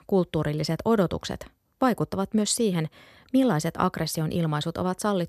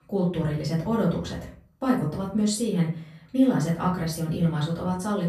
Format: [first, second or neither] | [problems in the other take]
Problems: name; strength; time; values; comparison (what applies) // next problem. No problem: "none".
first | off-mic speech; far // room echo; slight; dies away in 0.4 s